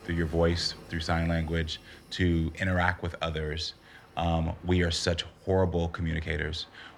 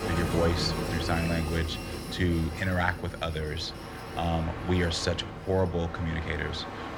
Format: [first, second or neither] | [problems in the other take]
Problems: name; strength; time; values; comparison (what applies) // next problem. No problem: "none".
first | train or aircraft noise; loud; throughout; 6 dB below the speech; faint in the first